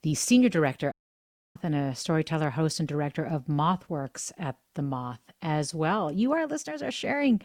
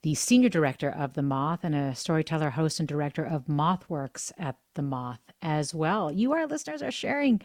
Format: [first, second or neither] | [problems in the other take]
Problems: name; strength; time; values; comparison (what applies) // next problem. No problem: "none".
second | audio cutting out; at 1 s for 0.5 s